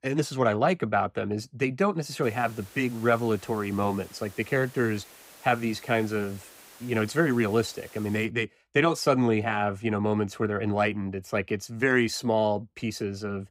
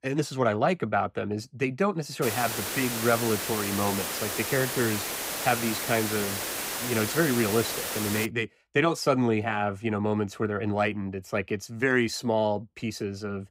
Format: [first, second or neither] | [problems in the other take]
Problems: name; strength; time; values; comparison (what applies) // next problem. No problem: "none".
first | hiss; loud; from 2 to 8.5 s; 2 dB below the speech; faint in the first